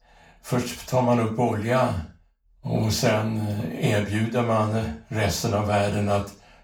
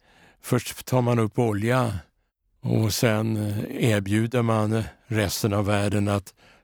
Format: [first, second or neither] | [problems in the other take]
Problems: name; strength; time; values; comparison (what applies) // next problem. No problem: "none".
second | room echo; slight; dies away in 0.3 s // off-mic speech; far